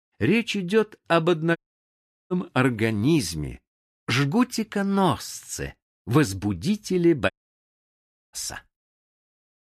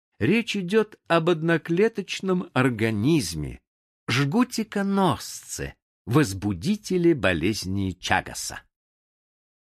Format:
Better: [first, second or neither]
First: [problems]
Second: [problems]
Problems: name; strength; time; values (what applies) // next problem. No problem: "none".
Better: second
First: audio cutting out; at 1.5 s for 0.5 s and at 7.5 s for 1 s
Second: none